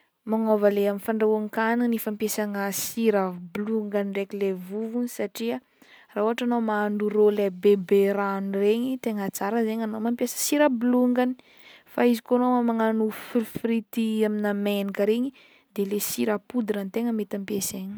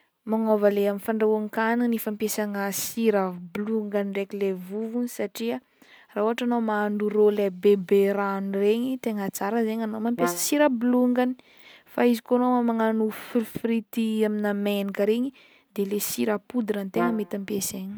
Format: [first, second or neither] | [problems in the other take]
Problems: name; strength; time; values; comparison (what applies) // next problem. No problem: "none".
first | background sound (Brass instrument); 8 dB below the speech